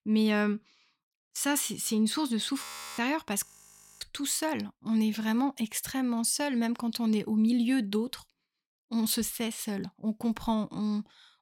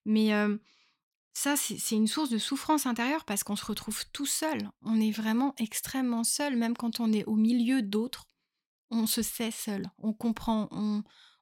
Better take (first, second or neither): second